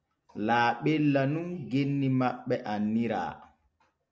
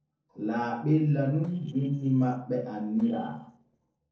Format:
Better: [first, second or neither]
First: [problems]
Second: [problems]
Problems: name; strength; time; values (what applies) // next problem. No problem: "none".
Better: first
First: none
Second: noise reduction (neural separator model SepFormer DNS4)